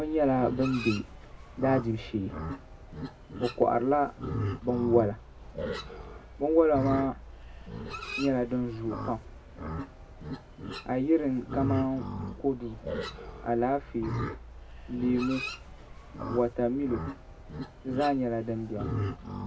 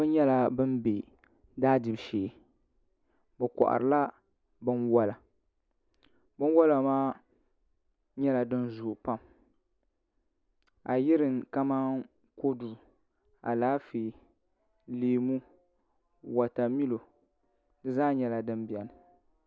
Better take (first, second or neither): second